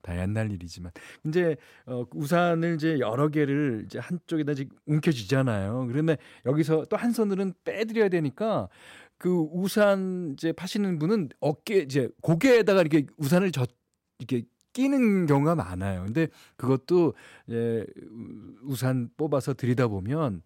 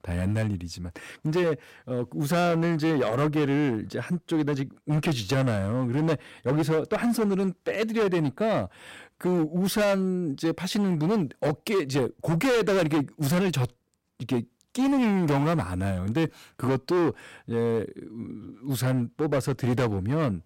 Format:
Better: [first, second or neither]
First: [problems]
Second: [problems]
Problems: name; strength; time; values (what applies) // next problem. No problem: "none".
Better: first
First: none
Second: distortion; heavy; 16% of the sound clipped